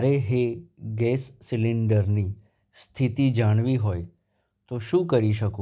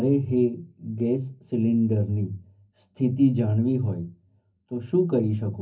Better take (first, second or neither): first